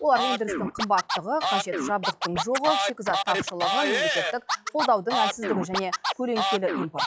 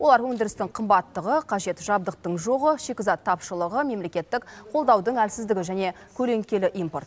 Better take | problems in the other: second | noise reduction (classical method log-MMSE)

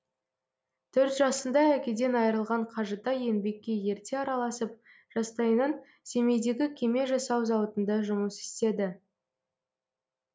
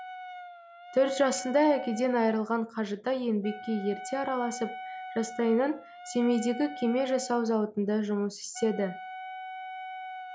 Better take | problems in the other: first | background sound (Wind instrument, woodwind instrument); 13 dB below the speech

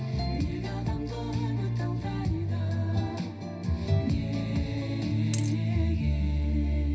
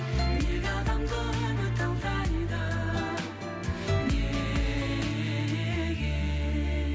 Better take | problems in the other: second | background sound (Coin (dropping)); 14 dB below the speech // room echo; dies away in 0.4 s

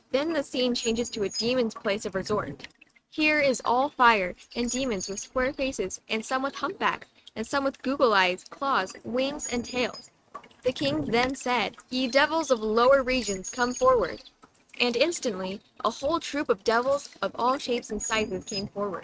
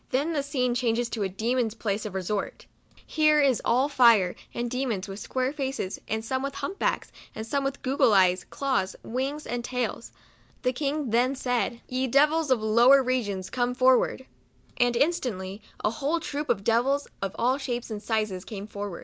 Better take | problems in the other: second | noise reduction (neural mask model RNNoise)

